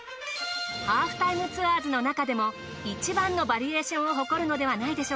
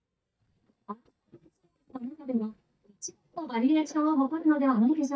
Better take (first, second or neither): first